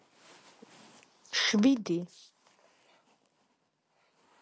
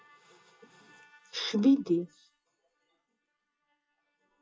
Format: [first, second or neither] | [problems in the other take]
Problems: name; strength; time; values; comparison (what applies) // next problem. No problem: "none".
first | noise reduction (classical method WPE with log-MMSE)